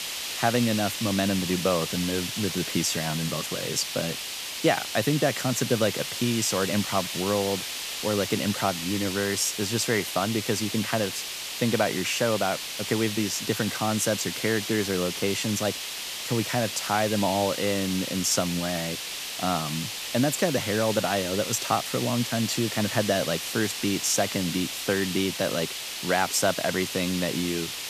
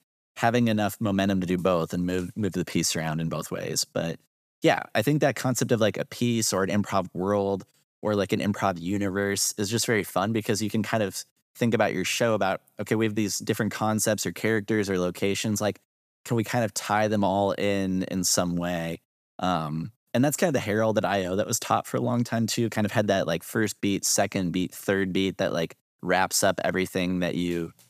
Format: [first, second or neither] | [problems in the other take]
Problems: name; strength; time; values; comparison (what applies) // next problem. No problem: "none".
second | hiss; loud; throughout; 4 dB below the speech